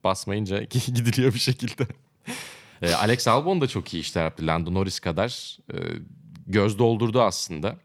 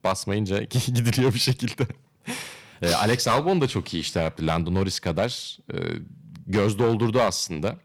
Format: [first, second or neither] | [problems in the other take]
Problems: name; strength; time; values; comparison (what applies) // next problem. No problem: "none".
first | distortion; slight; 4% of the sound clipped